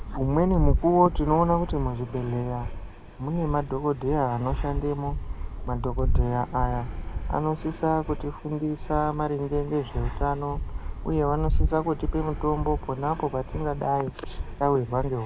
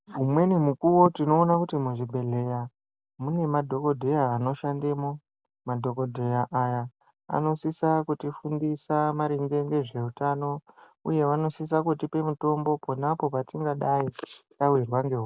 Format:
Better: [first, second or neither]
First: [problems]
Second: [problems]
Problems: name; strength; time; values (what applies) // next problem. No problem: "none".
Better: second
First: background sound (Fixed-wing aircraft, airplane); 3 dB below the speech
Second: none